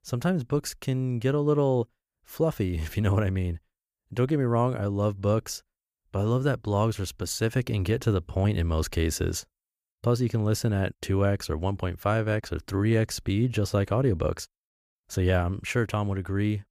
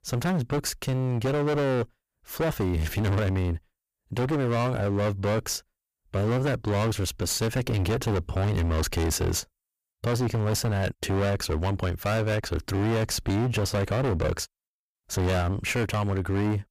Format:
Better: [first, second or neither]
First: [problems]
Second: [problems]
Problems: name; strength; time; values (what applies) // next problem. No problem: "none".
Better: first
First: none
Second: distortion; heavy; 31% of the sound clipped